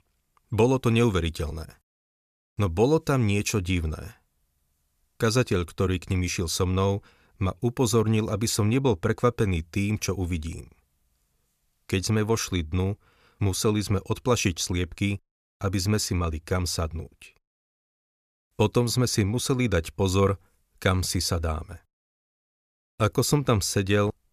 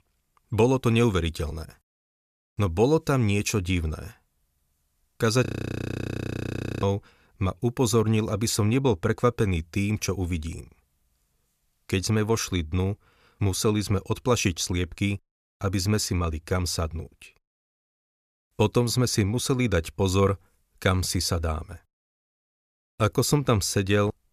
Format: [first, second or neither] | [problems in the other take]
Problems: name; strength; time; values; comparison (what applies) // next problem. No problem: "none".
first | audio freezing; at 5.5 s for 1.5 s